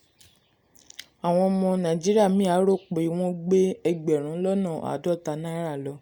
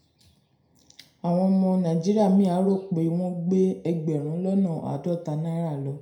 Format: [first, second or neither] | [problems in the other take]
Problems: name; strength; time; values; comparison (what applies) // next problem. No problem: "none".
first | room echo; dies away in 0.4 s